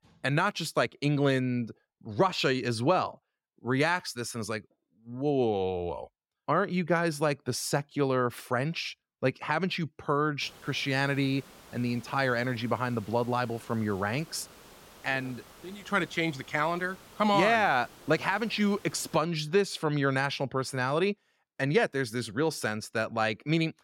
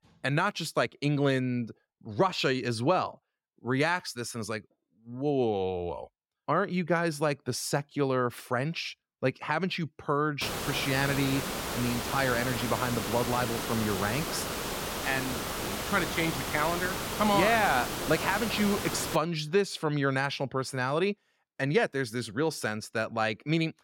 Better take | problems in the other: first | hiss; loud; from 10 to 19 s; 4 dB below the speech; faint in the first

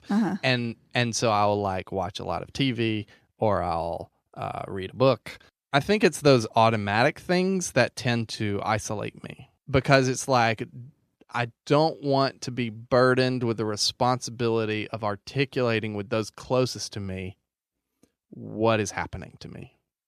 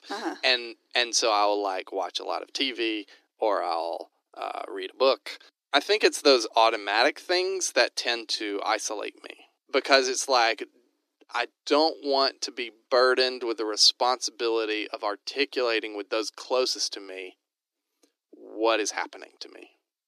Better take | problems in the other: first | thin; somewhat; fading below 300 Hz

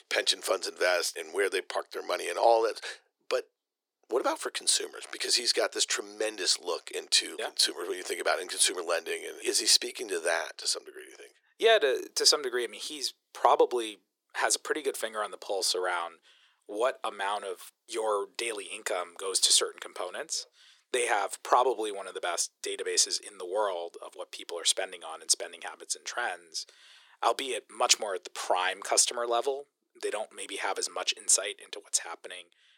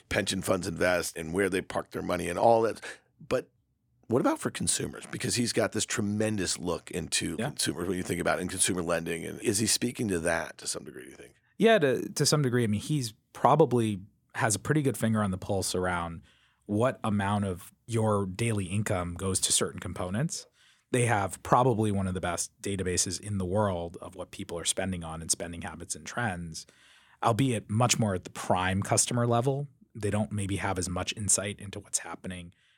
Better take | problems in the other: second | thin; very; fading below 400 Hz

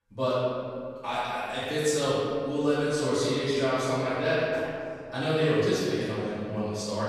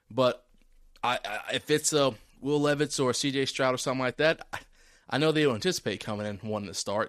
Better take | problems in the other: second | off-mic speech; far // room echo; strong; dies away in 2.3 s

